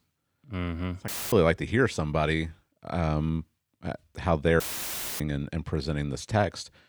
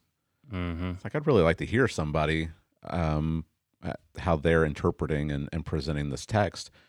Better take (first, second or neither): second